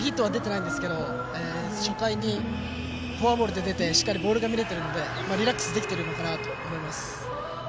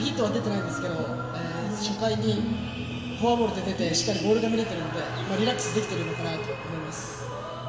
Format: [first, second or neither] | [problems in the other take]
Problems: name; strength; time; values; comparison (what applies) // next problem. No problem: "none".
first | room echo; dies away in 2.3 s